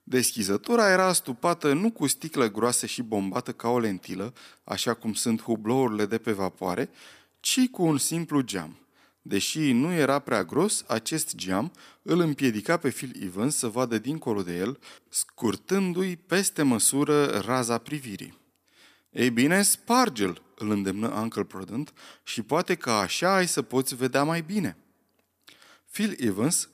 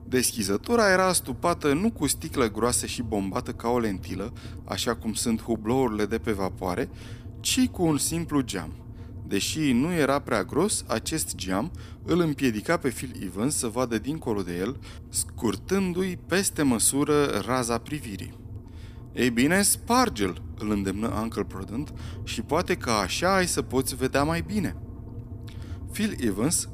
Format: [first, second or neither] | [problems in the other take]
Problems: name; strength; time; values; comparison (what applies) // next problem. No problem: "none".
first | low rumble; faint; throughout; 25 dB below the speech